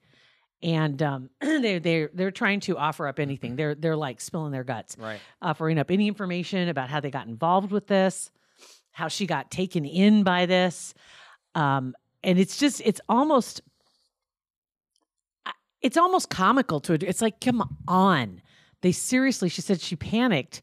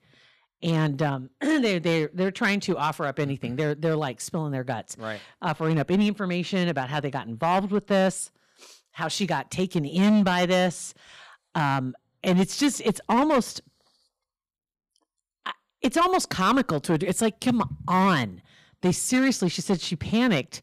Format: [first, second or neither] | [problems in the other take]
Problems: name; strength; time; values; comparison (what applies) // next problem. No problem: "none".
first | distortion; slight; 5% of the sound clipped